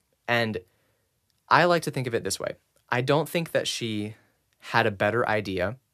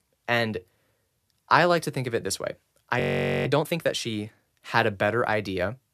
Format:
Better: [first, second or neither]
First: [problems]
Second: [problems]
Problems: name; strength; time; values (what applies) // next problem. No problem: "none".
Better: first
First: none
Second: audio freezing; at 3 s